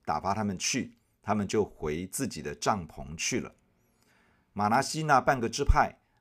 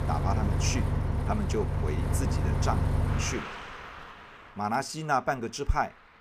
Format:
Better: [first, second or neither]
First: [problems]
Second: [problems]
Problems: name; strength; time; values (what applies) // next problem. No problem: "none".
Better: first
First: none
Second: traffic noise; very loud; throughout; 3 dB above the speech